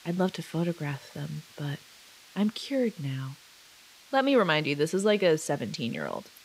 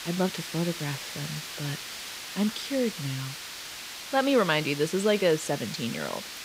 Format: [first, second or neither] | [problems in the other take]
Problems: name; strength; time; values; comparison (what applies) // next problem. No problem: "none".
first | hiss; loud; throughout; 8 dB below the speech; faint in the first